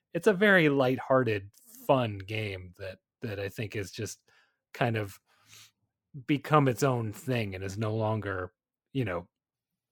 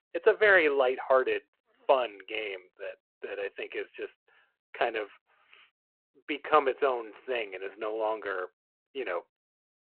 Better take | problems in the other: first | phone-call audio

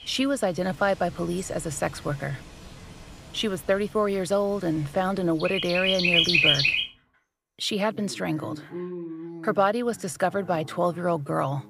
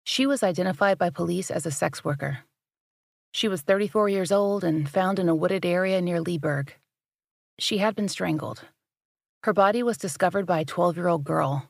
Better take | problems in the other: second | animal sounds; very loud; throughout; 3 dB above the speech

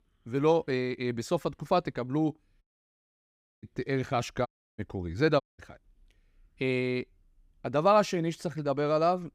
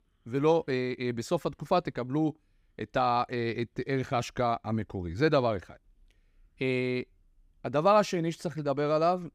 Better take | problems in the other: second | audio cutting out; at 2.5 s for 1 s, at 4.5 s and at 5.5 s

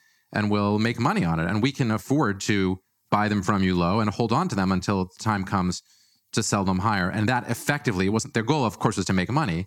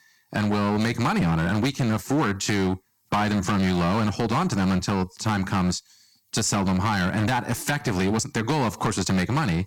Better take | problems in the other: first | distortion; heavy; 17% of the sound clipped

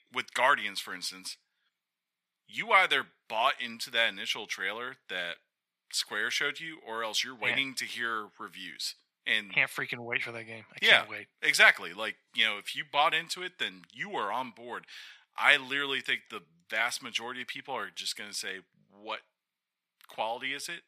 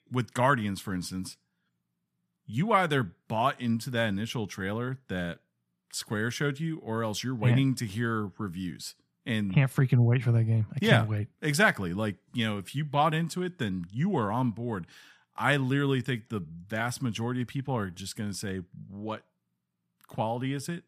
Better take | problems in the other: second | thin; very; fading below 600 Hz

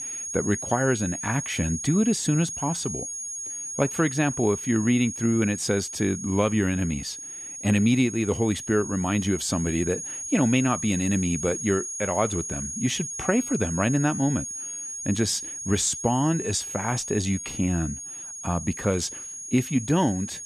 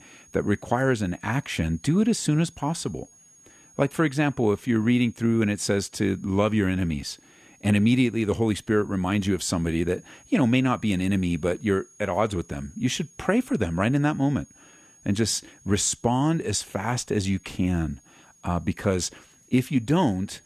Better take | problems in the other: second | high-pitched whine; loud; throughout; 6.5 kHz, 7 dB below the speech; faint in the second

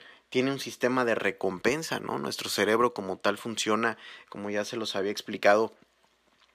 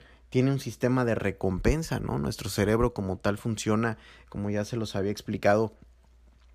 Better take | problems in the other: second | thin; somewhat; fading below 300 Hz

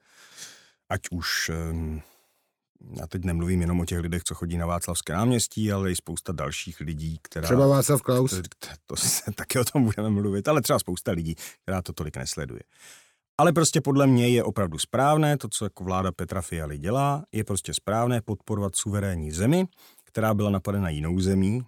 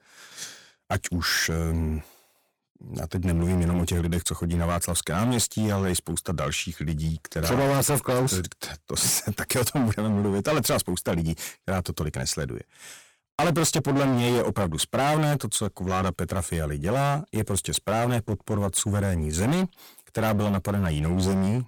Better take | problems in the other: first | distortion; heavy; 16% of the sound clipped

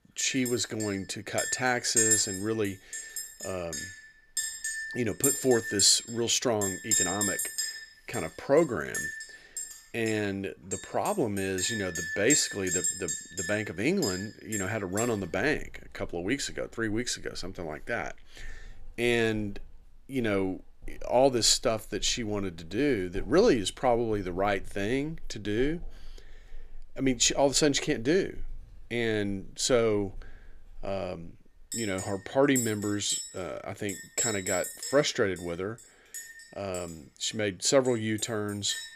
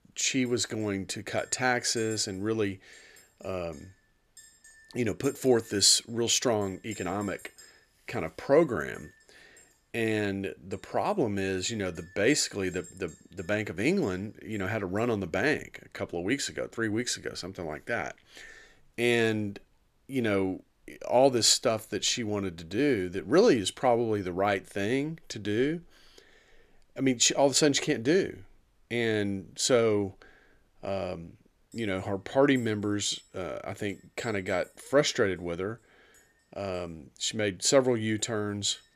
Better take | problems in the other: second | household noises; loud; throughout; 3 dB below the speech; faint in the second

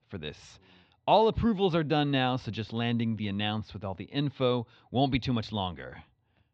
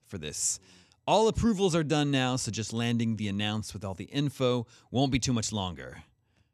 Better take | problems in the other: second | muffled; very; fading above 4 kHz

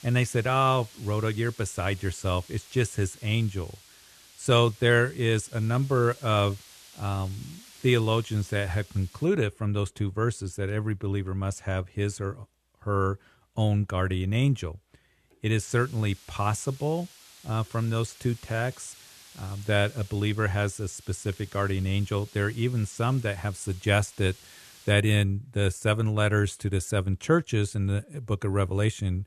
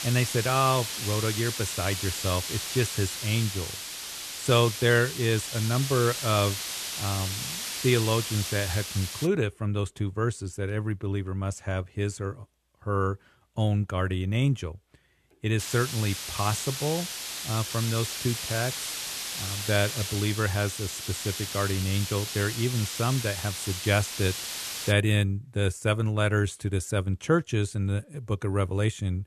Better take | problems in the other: first | hiss; loud; until 9.5 s and from 16 to 25 s; 4 dB below the speech; faint in the first

